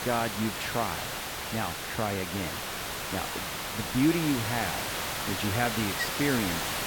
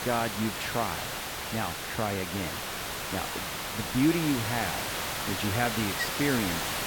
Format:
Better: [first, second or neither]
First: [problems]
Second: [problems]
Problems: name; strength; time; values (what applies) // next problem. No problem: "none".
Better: neither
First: hiss; loud; throughout; 1 dB below the speech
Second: hiss; loud; throughout; 1 dB below the speech